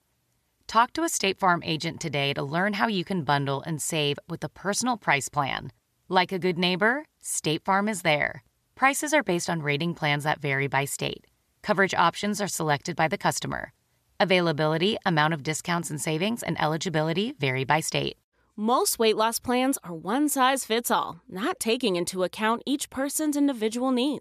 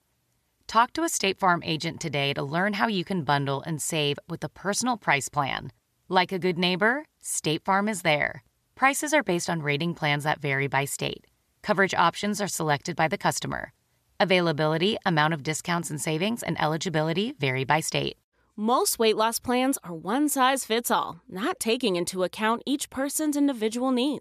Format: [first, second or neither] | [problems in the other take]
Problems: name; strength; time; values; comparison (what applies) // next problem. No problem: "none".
neither | none